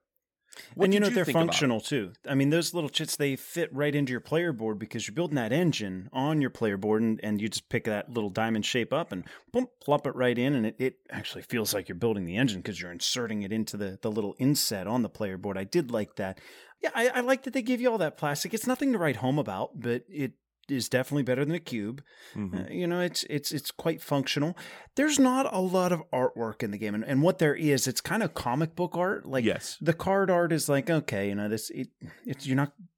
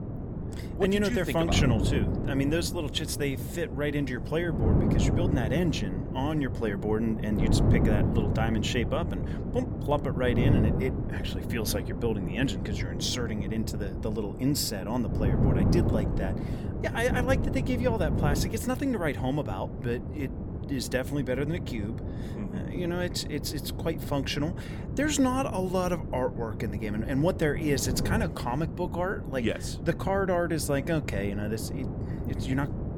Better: first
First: none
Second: wind noise on the microphone; heavy; 7 dB below the speech

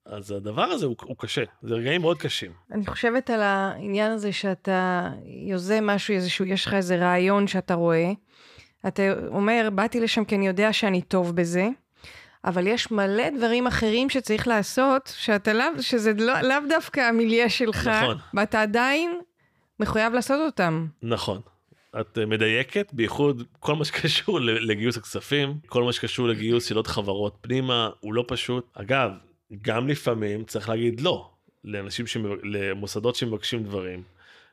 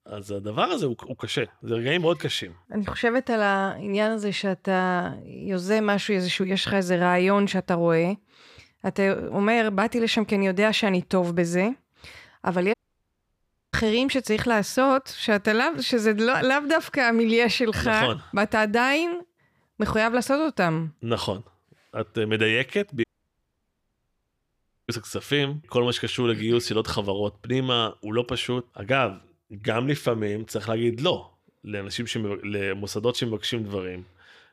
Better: first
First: none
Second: audio cutting out; at 13 s for 1 s and at 23 s for 2 s

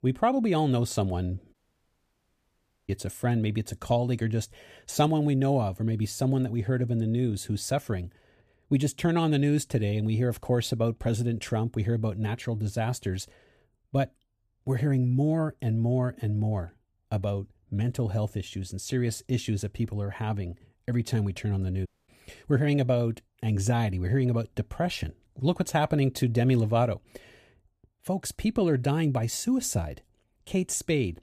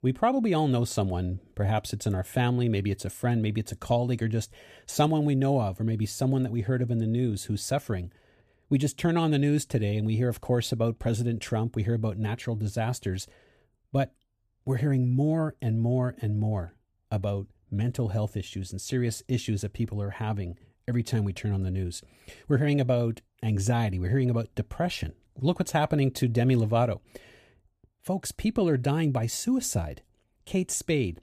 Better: second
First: audio cutting out; at 1.5 s for 1.5 s and at 22 s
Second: none

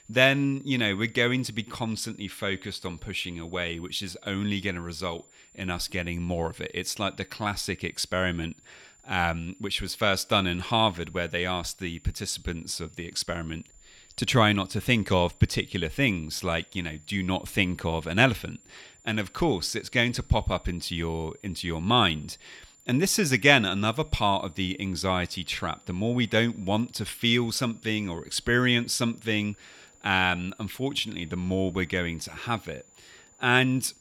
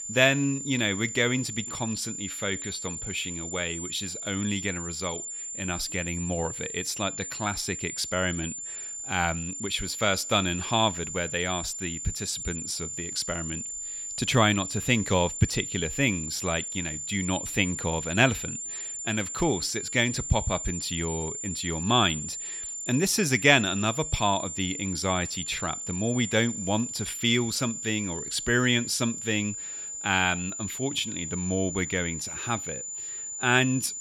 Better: first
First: high-pitched whine; faint; throughout; 7 kHz, 30 dB below the speech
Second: high-pitched whine; loud; throughout; 7 kHz, 6 dB below the speech

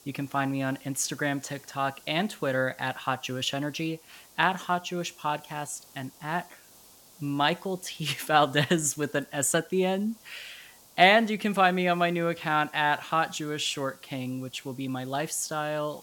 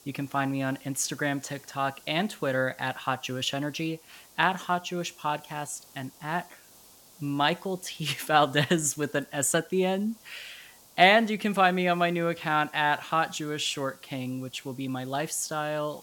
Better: neither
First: hiss; faint; throughout; 25 dB below the speech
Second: hiss; faint; throughout; 25 dB below the speech

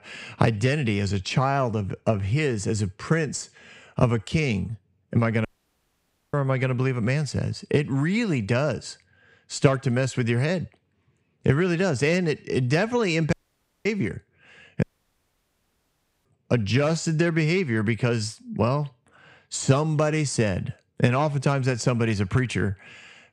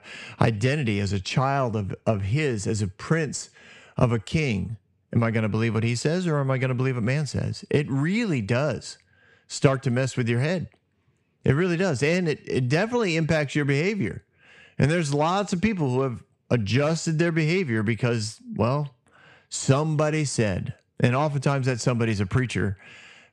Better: second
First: audio cutting out; at 5.5 s for 1 s, at 13 s for 0.5 s and at 15 s for 1.5 s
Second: none

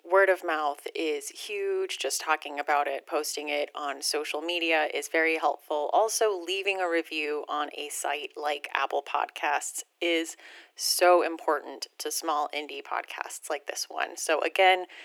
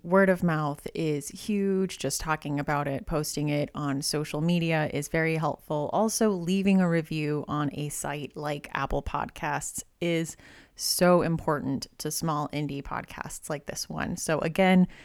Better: second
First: thin; very; fading below 350 Hz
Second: none

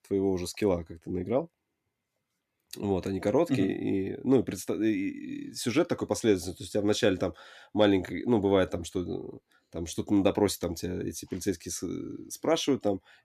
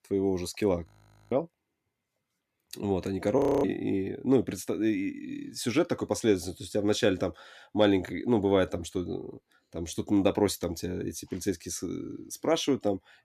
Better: first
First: none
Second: audio freezing; at 1 s and at 3.5 s

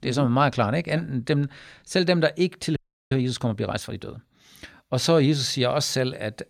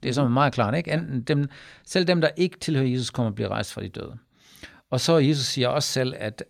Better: second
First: audio freezing; at 3 s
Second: none

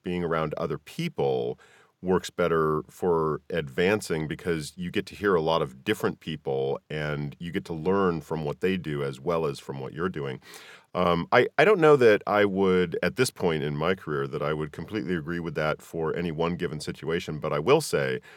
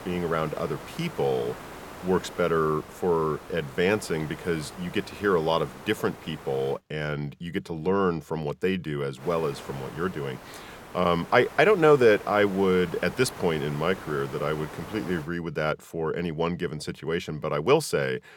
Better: first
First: none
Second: hiss; noticeable; until 7 s and from 9 to 15 s; 15 dB below the speech

